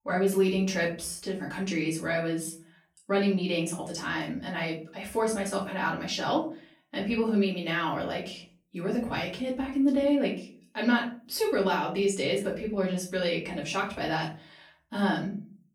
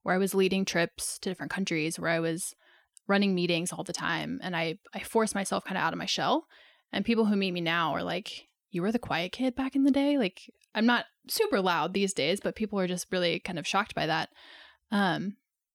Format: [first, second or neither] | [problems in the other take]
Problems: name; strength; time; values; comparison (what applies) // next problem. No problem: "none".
second | off-mic speech; far // room echo; slight; dies away in 0.4 s